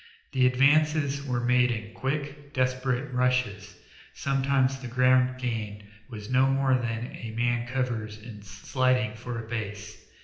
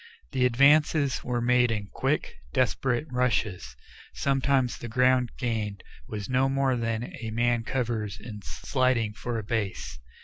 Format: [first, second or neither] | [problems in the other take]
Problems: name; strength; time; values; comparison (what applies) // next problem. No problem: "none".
second | room echo; dies away in 0.8 s